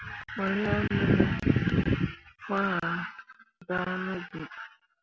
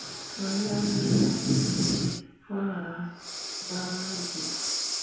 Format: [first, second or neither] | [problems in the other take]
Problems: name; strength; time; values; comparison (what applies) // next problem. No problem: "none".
first | background sound (Breathing); 5 dB below the speech // room echo; dies away in 2 s